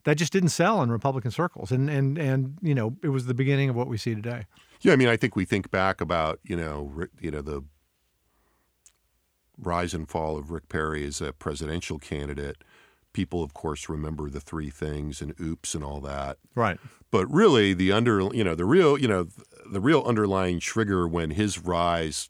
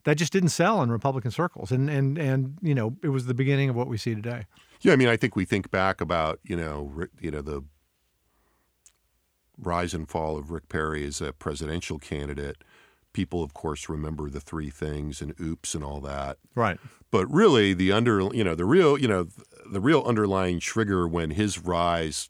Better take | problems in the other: neither | none

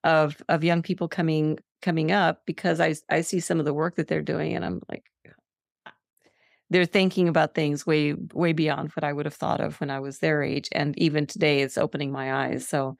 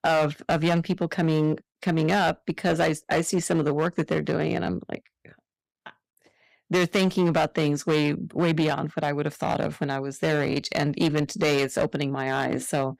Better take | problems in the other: first | distortion; slight; 8% of the sound clipped

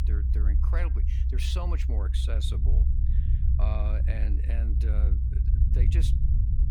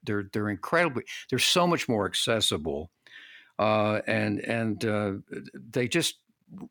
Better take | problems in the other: second | low rumble; loud; throughout; 3 dB below the speech

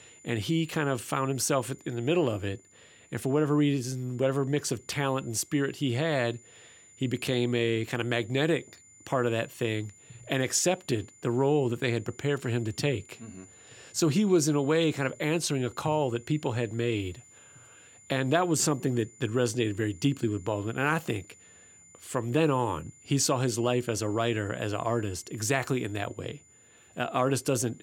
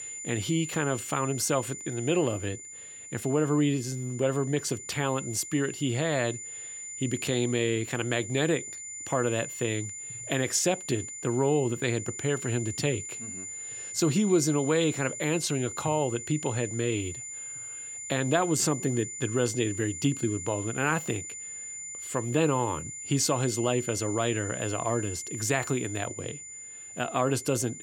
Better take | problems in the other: first | high-pitched whine; loud; throughout; 7 kHz, 8 dB below the speech; faint in the first

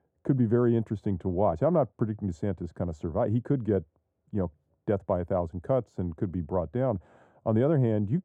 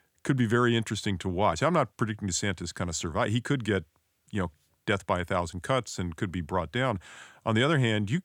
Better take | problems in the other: second | muffled; very; fading above 1.5 kHz

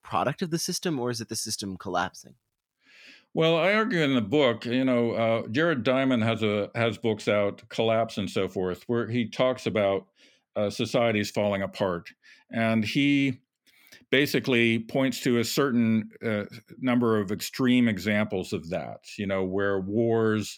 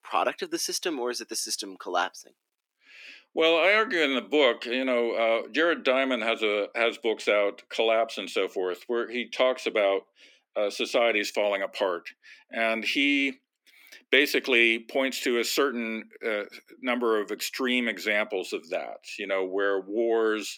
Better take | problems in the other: first | thin; somewhat; fading below 300 Hz

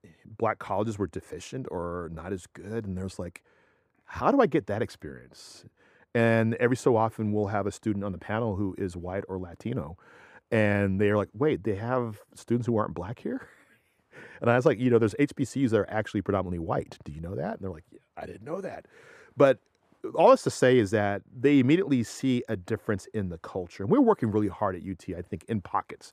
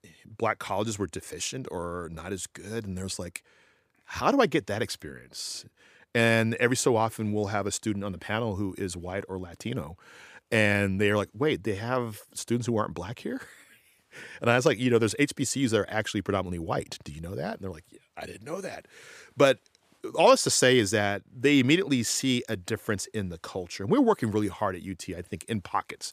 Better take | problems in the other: second | muffled; slightly; fading above 2 kHz

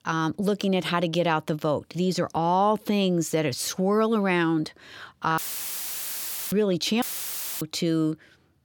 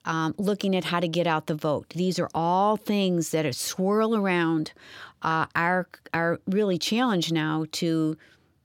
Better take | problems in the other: second | audio cutting out; filled with static; at 5.5 s for 1 s and at 7 s for 0.5 s

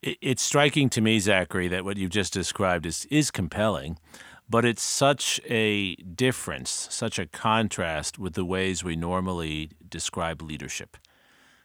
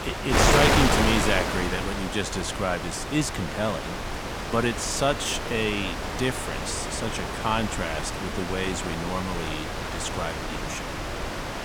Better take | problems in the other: first | wind noise on the microphone; heavy; 1 dB above the speech

